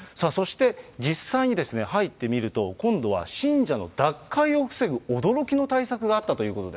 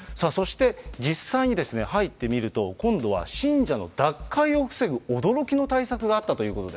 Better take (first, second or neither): first